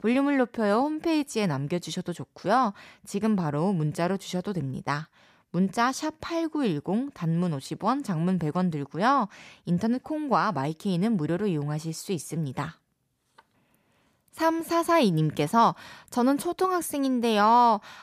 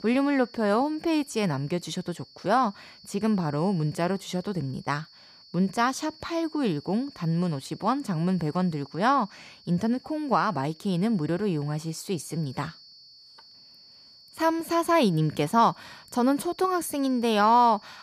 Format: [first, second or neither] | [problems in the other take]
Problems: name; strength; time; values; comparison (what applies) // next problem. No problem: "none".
first | high-pitched whine; faint; throughout; 4.5 kHz, 25 dB below the speech